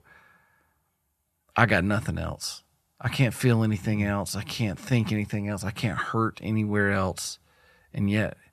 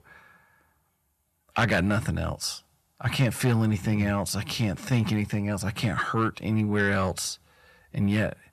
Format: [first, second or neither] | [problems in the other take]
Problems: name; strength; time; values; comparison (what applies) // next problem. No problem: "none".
first | distortion; slight; 10 dB below the speech